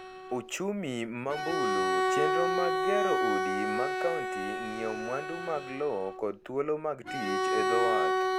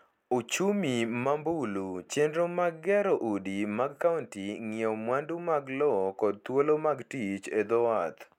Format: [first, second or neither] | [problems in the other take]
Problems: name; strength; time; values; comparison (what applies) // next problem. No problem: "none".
second | background sound (Bowed string instrument); 3 dB above the speech